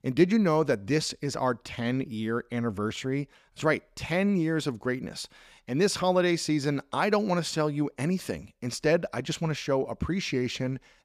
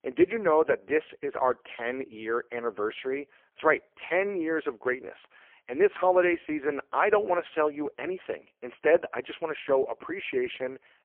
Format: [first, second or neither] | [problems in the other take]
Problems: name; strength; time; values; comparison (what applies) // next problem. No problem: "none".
first | phone-call audio; poor line